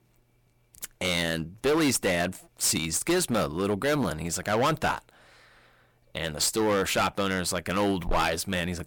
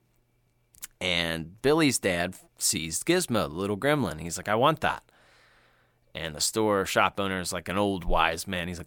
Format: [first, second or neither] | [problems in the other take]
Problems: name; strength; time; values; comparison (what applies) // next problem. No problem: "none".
second | distortion; heavy; 11% of the sound clipped